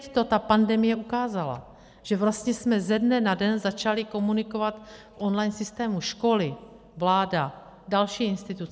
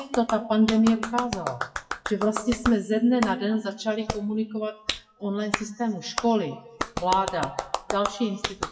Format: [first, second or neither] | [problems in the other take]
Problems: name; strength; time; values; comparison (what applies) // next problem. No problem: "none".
first | noise reduction (classical method WPE with log-MMSE)